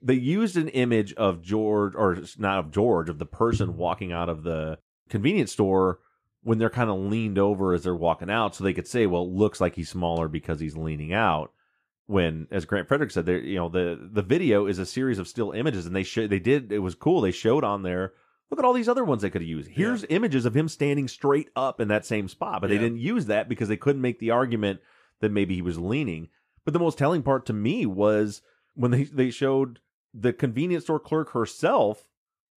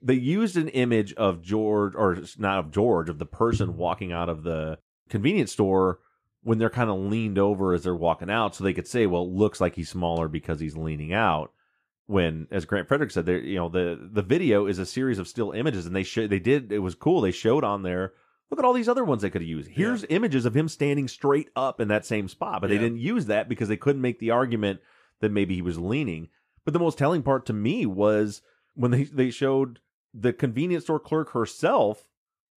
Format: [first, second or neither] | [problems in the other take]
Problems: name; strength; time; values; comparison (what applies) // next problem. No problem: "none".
neither | none